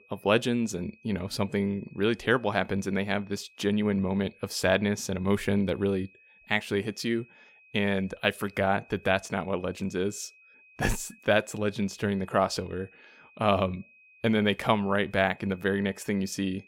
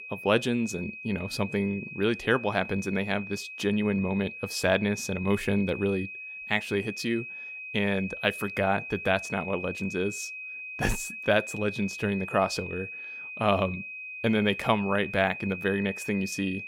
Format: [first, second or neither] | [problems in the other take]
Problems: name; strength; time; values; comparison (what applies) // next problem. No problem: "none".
first | high-pitched whine; loud; throughout; 2.5 kHz, 9 dB below the speech; faint in the first